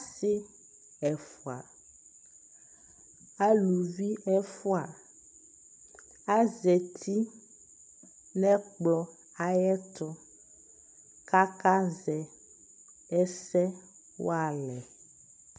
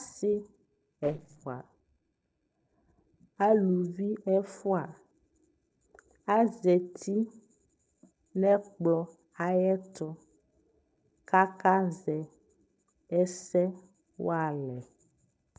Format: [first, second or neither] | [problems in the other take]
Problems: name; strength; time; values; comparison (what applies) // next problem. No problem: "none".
first | noise reduction (neural separator model SepFormer DNS4)